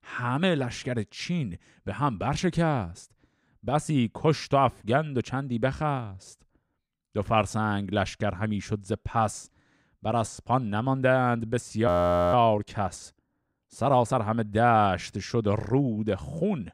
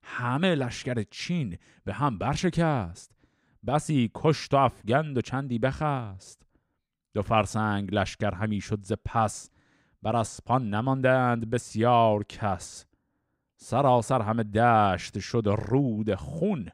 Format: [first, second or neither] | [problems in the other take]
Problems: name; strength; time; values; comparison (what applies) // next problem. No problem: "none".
second | audio freezing; at 12 s